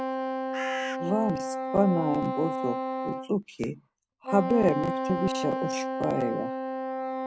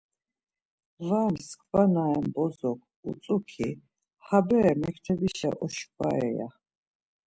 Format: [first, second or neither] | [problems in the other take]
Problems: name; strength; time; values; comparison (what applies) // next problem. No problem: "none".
second | background sound (Wind instrument, woodwind instrument + Bird); 2 dB below the speech